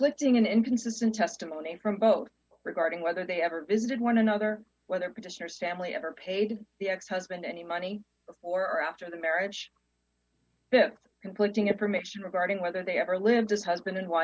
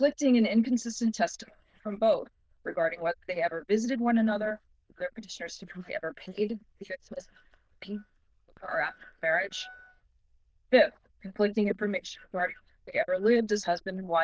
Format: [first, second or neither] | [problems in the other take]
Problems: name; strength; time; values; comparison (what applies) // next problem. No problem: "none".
first | noise reduction (neural diffusion model UNIVERSE++)